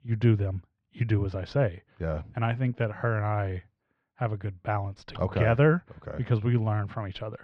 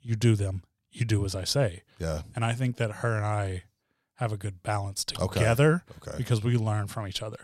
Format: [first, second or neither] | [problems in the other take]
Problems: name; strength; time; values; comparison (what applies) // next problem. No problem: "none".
second | muffled; very; fading above 2.5 kHz